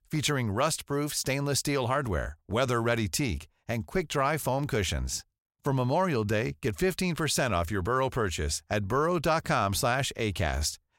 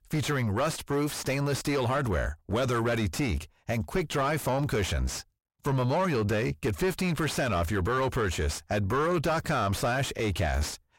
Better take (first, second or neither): first